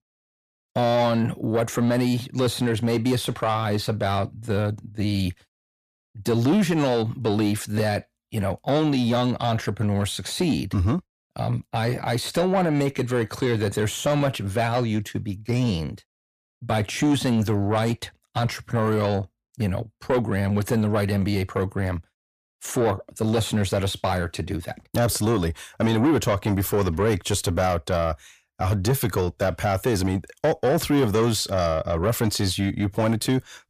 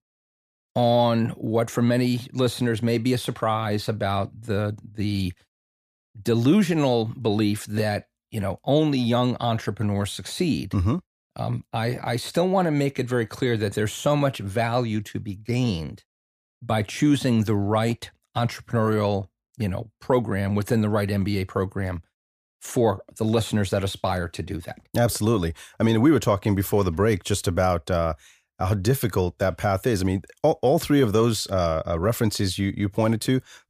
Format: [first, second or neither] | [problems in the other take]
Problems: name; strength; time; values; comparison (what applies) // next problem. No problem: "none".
second | distortion; slight; 10 dB below the speech